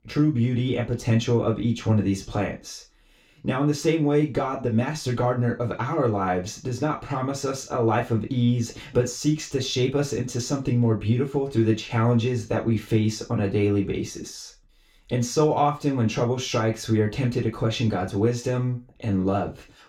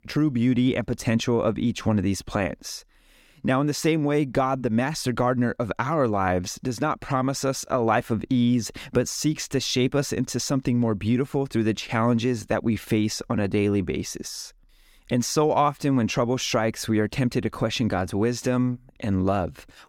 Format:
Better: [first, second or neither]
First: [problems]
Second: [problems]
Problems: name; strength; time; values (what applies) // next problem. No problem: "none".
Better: second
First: room echo; very slight; dies away in 0.3 s // off-mic speech; somewhat distant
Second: none